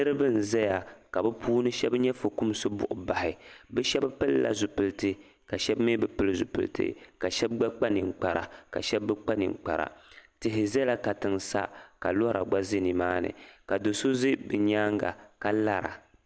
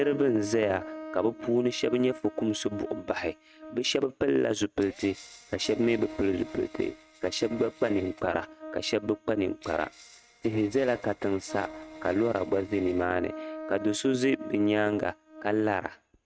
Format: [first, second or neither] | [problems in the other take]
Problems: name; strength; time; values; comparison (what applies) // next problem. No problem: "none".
first | noise reduction (neural mask model RNNoise)